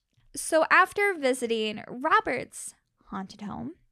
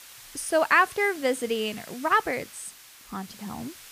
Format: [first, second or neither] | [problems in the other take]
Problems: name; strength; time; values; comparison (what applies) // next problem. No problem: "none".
first | hiss; noticeable; throughout; 20 dB below the speech